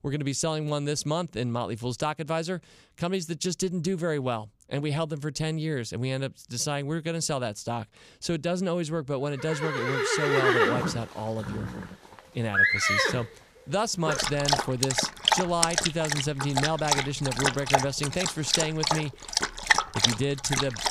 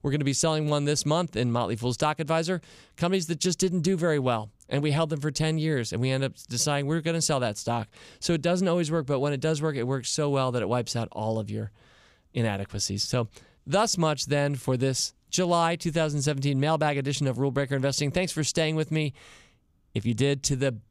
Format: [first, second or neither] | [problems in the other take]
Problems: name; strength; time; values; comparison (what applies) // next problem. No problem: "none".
second | animal sounds; very loud; from 10 s on; 4 dB above the speech